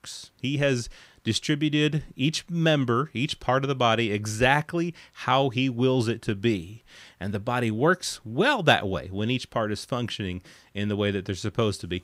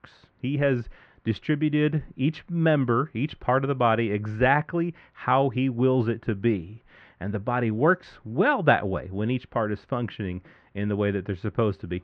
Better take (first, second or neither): first